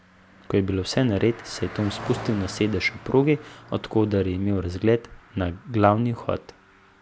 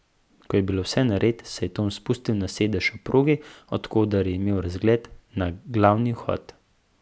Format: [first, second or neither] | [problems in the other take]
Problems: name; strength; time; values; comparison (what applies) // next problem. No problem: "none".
second | background sound (Car passing by); 18 dB below the speech